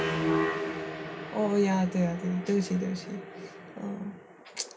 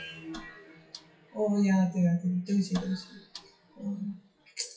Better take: first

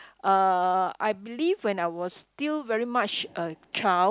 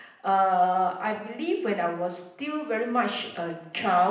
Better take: first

